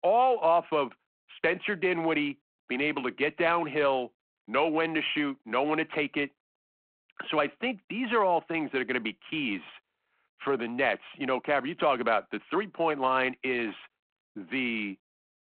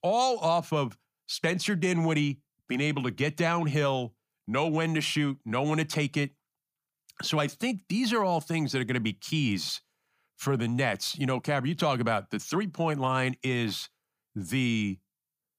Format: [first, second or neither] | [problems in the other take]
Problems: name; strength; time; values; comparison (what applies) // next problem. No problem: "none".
second | phone-call audio